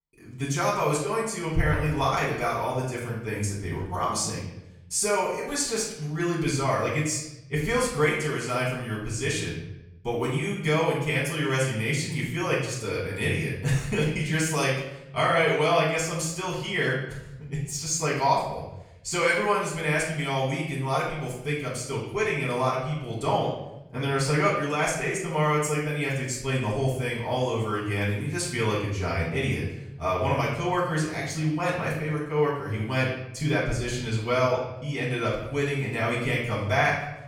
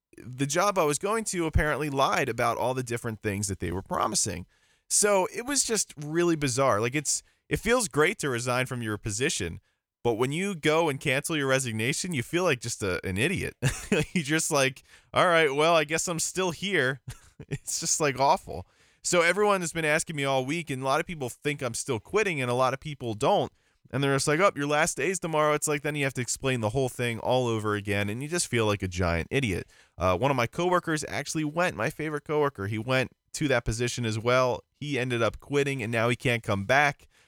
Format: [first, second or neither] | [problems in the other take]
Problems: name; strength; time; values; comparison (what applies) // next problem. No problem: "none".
second | off-mic speech; far // room echo; noticeable; dies away in 0.8 s